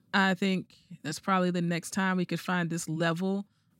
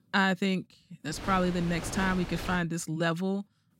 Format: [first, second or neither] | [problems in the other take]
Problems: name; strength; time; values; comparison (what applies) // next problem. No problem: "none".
first | wind noise on the microphone; occasional gusts; from 1 to 2.5 s; 10 dB below the speech